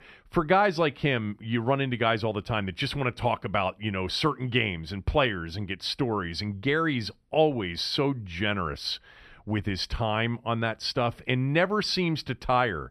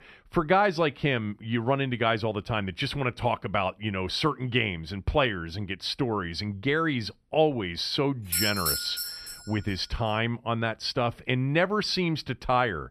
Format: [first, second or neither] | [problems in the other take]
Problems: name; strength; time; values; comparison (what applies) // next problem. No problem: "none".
first | doorbell; loud; from 8.5 to 9.5 s; peak 2 dB above the speech